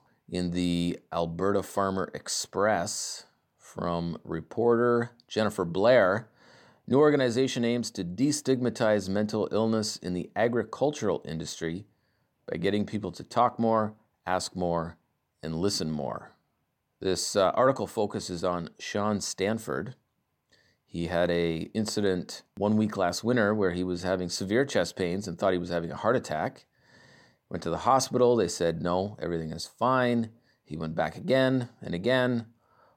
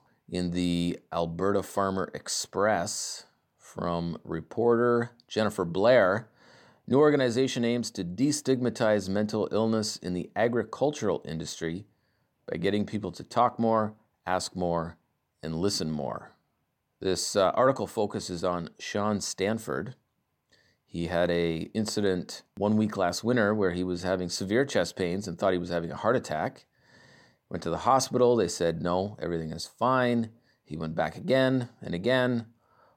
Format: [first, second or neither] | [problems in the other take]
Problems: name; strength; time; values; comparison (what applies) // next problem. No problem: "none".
neither | none